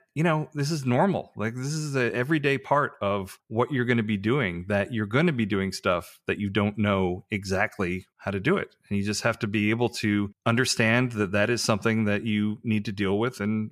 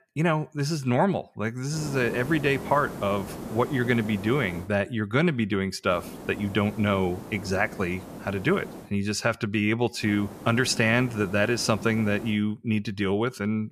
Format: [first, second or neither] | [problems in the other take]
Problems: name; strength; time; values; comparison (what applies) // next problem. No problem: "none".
first | hiss; noticeable; from 2 to 4.5 s, from 6 to 9 s and from 10 to 12 s; 15 dB below the speech